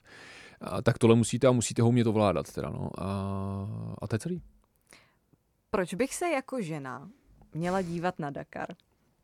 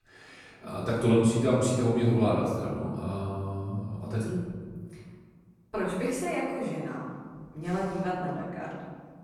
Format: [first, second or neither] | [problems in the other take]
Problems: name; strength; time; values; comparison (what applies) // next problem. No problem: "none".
first | off-mic speech; far // room echo; noticeable; dies away in 1.6 s